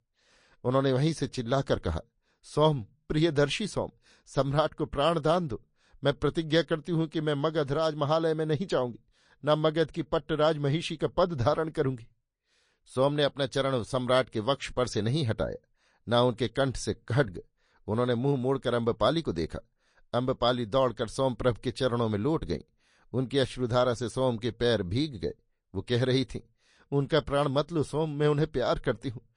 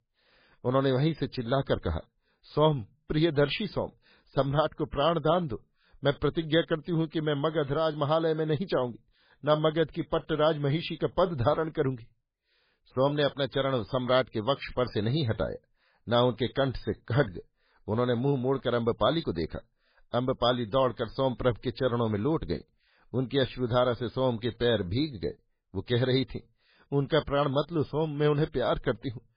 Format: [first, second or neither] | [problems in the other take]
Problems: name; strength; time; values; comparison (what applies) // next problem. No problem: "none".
first | garbled, watery; badly; slightly in the first